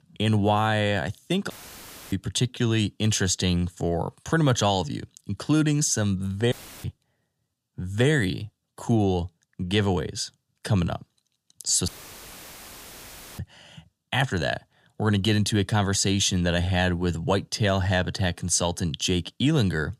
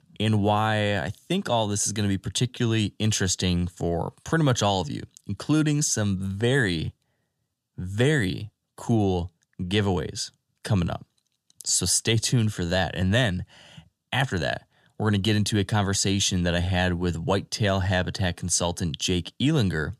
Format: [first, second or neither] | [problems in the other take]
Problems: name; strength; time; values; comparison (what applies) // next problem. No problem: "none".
second | audio cutting out; filled with static; at 1.5 s for 0.5 s, at 6.5 s and at 12 s for 1.5 s